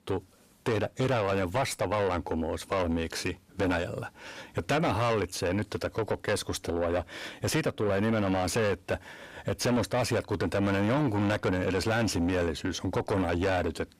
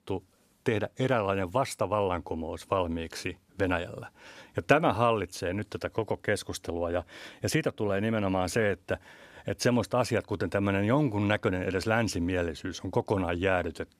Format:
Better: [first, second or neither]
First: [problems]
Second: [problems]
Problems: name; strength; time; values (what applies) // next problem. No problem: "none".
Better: second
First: distortion; heavy; 6 dB below the speech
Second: none